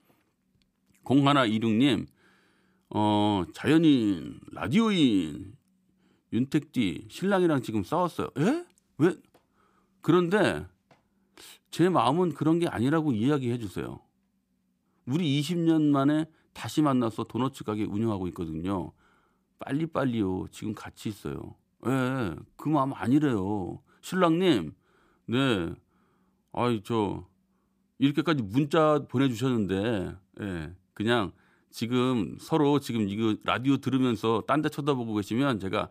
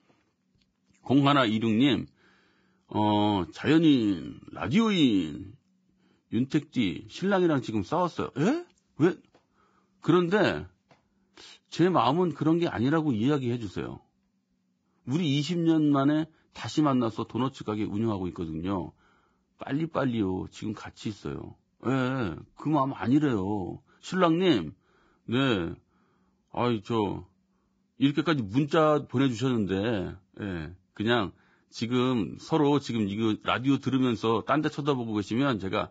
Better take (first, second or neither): first